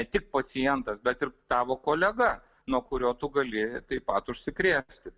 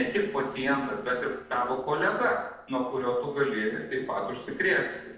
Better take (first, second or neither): first